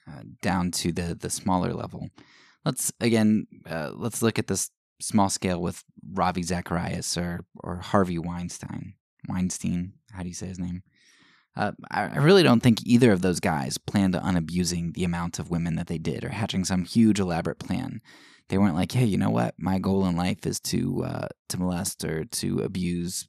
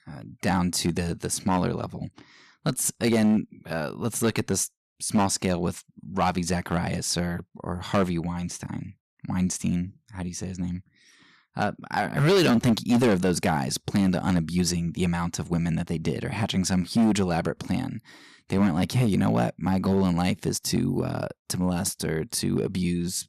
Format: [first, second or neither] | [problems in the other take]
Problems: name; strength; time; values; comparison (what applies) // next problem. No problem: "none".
first | distortion; slight; 4% of the sound clipped